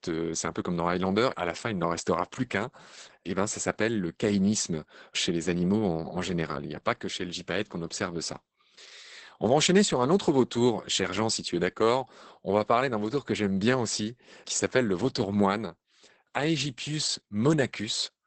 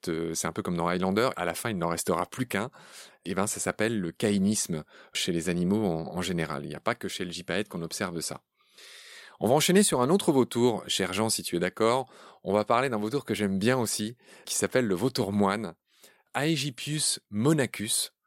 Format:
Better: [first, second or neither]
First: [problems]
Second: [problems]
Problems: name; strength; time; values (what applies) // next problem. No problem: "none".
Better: second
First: garbled, watery; badly; nothing above 8 kHz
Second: none